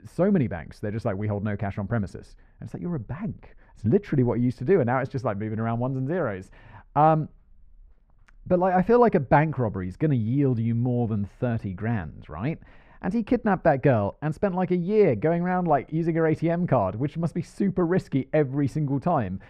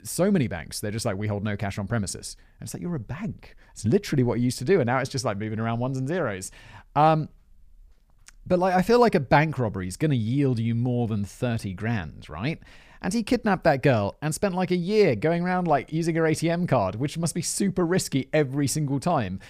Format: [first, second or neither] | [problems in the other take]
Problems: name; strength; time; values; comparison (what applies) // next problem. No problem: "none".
second | muffled; very; fading above 3.5 kHz